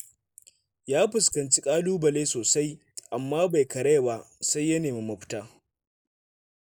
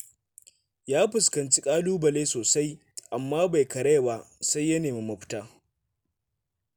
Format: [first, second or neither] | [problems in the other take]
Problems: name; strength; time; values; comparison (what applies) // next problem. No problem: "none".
second | noise reduction (neural mask model Resemble Enhance denoiser)